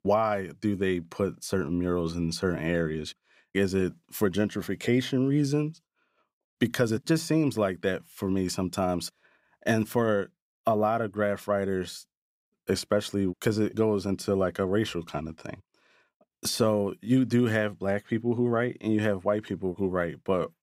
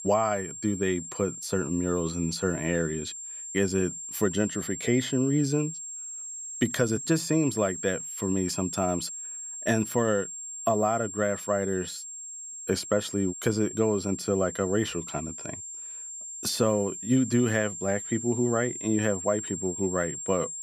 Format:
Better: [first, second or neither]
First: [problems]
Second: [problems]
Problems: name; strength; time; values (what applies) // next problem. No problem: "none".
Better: first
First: none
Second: high-pitched whine; loud; throughout; 7.5 kHz, 7 dB below the speech